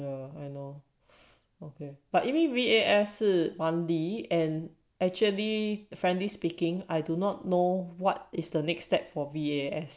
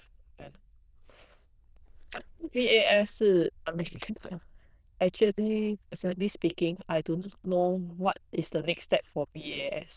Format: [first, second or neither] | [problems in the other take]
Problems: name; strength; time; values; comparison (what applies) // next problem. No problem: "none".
first | noise reduction (neural diffusion model UNIVERSE++)